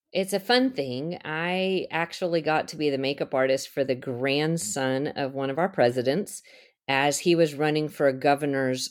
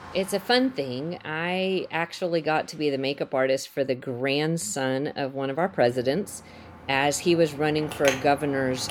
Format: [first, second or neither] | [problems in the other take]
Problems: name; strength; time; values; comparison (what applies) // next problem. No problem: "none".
first | traffic noise; noticeable; throughout; 10 dB below the speech